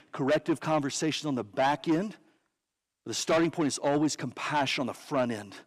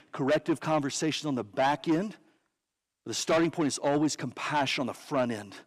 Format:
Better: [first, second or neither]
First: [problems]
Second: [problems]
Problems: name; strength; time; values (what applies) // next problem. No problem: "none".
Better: neither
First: distortion; heavy; 7 dB below the speech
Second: distortion; heavy; 7 dB below the speech